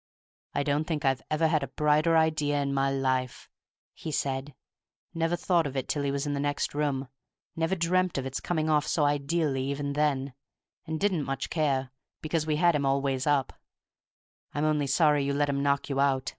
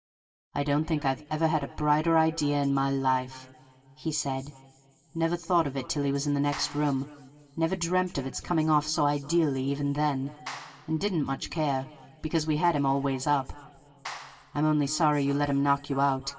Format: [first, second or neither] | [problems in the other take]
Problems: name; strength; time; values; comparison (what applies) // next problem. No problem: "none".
first | background sound (Clapping); 16 dB below the speech // room echo; dies away in 2.5 s